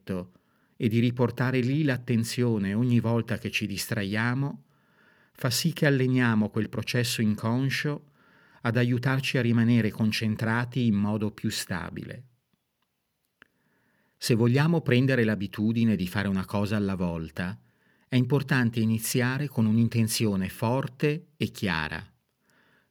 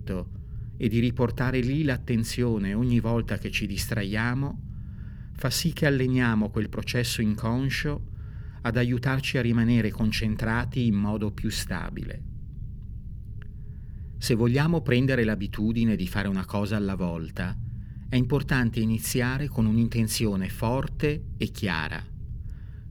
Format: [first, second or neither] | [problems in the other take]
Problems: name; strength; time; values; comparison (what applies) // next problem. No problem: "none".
first | low rumble; faint; throughout; 25 dB below the speech